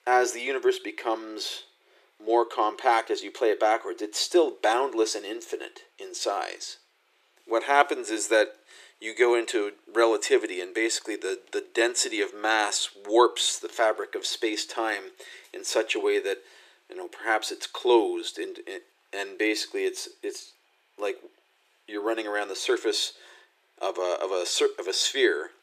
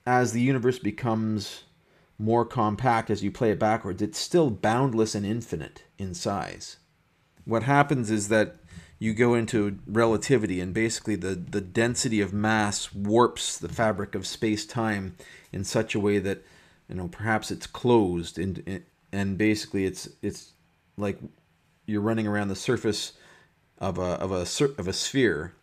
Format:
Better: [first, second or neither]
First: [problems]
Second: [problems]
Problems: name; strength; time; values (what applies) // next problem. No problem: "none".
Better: second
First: thin; very; fading below 350 Hz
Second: none